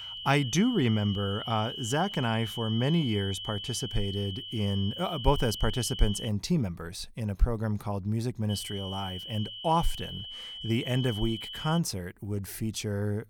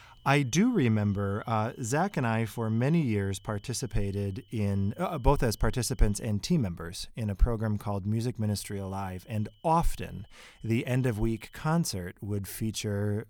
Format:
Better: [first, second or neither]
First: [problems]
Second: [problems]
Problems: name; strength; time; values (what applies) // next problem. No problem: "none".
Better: second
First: high-pitched whine; loud; until 6.5 s and from 8.5 to 12 s; 3 kHz, 7 dB below the speech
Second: high-pitched whine; faint; until 6.5 s and from 8.5 to 12 s; 3 kHz, 35 dB below the speech